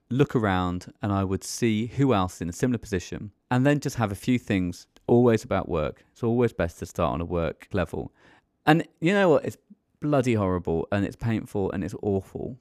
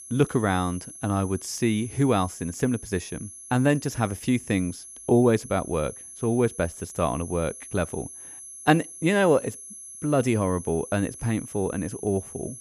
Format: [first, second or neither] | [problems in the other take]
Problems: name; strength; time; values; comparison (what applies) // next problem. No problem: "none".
first | high-pitched whine; noticeable; throughout; 11 kHz, 15 dB below the speech